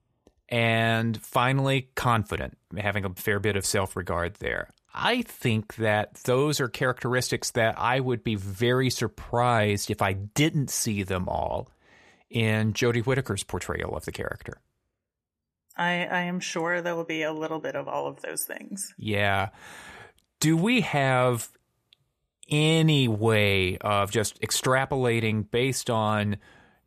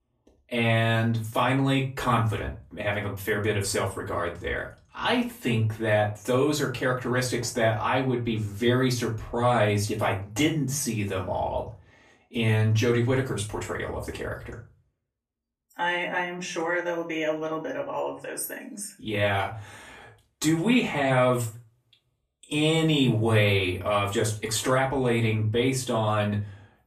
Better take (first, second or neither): first